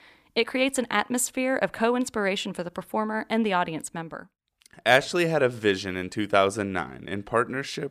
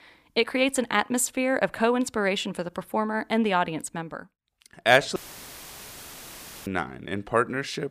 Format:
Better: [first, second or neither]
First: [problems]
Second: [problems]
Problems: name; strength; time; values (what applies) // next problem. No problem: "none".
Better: first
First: none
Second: audio cutting out; filled with static; at 5 s for 1.5 s